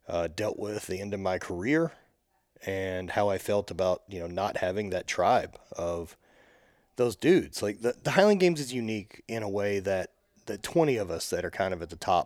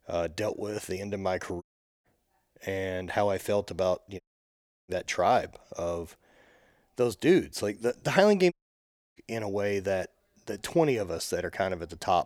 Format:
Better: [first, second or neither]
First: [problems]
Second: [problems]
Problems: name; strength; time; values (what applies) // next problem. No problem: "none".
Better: first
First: none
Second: audio cutting out; at 1.5 s, at 4 s for 0.5 s and at 8.5 s for 0.5 s